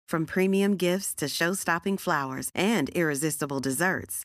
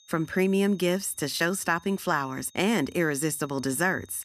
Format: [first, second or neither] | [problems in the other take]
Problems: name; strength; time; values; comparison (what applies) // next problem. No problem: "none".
first | high-pitched whine; faint; throughout; 3.5 kHz, 30 dB below the speech